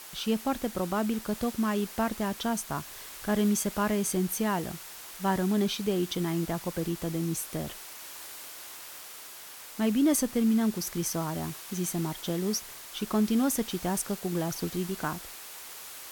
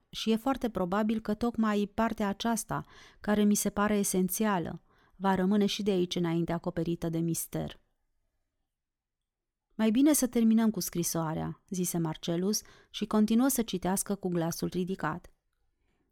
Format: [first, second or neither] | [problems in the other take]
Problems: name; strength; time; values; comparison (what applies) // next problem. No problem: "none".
second | hiss; noticeable; throughout; 10 dB below the speech